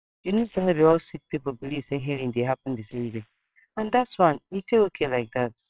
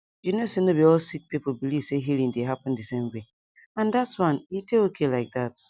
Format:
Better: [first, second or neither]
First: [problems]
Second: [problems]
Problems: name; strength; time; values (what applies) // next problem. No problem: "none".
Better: second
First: noise reduction (neural separator model SepFormer WHAMR!)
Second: none